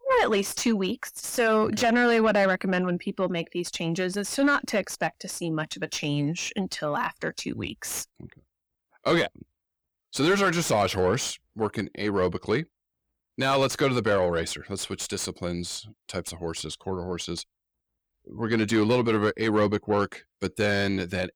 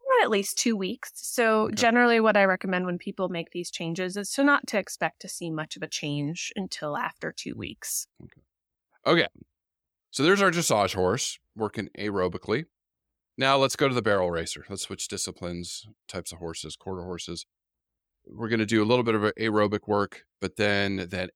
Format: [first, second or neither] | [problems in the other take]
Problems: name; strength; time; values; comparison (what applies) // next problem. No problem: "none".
second | distortion; slight; 10 dB below the speech